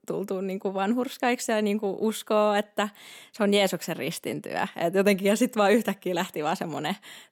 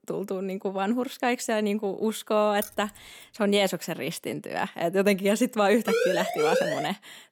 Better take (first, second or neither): first